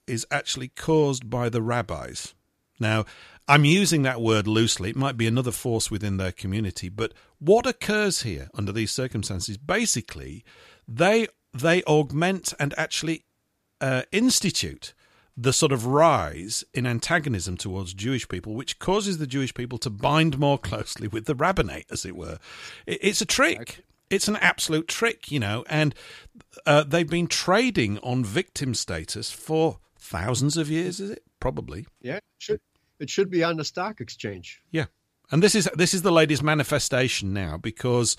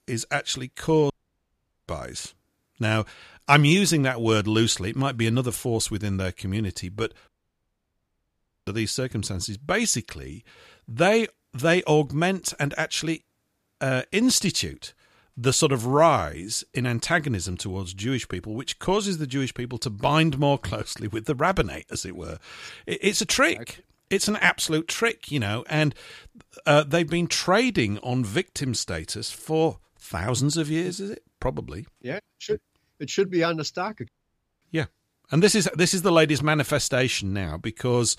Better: first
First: none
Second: audio cutting out; at 1 s for 1 s, at 7.5 s for 1.5 s and at 34 s for 0.5 s

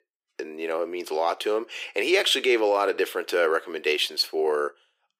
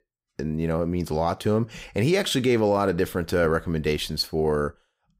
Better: second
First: thin; very; fading below 350 Hz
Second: none

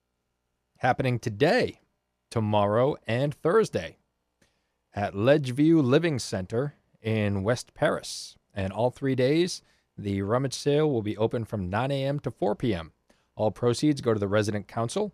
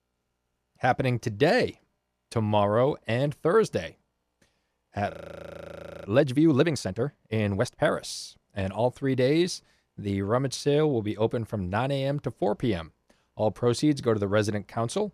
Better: first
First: none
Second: audio freezing; at 5 s for 1 s

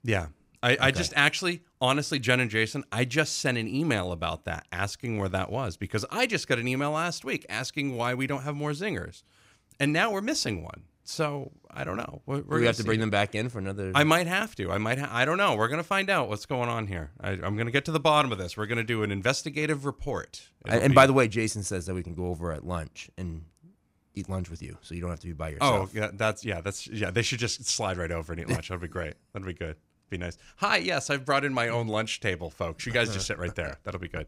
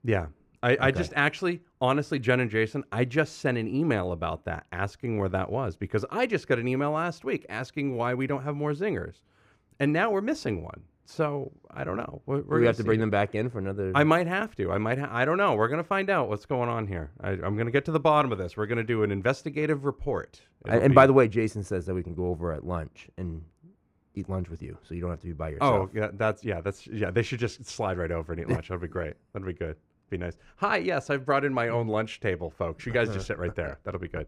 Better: first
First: none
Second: muffled; slightly; fading above 2.5 kHz

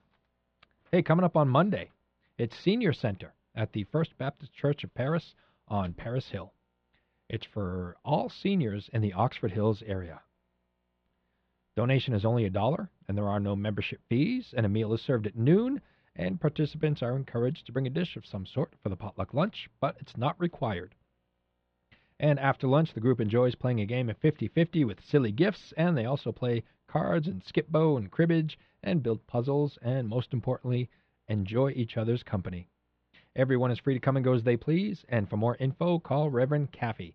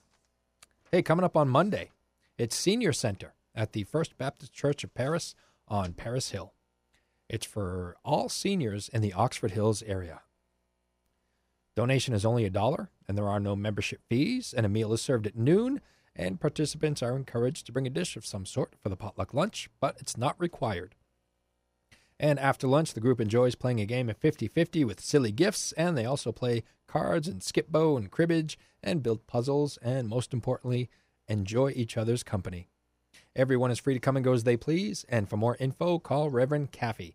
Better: second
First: muffled; slightly; fading above 3.5 kHz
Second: none

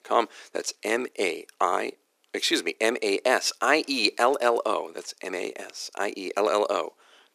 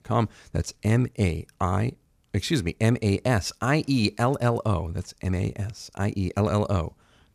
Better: second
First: thin; very; fading below 350 Hz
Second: none

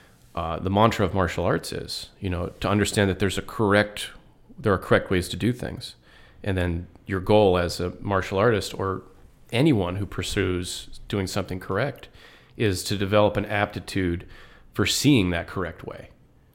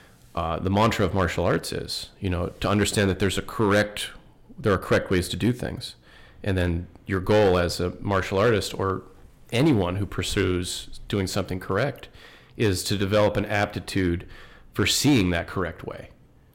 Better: first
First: none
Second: distortion; slight; 3% of the sound clipped

